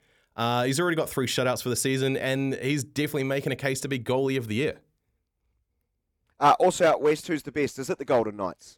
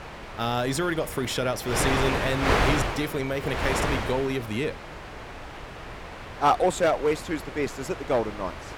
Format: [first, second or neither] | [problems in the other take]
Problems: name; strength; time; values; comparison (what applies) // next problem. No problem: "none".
first | wind noise on the microphone; heavy; 3 dB below the speech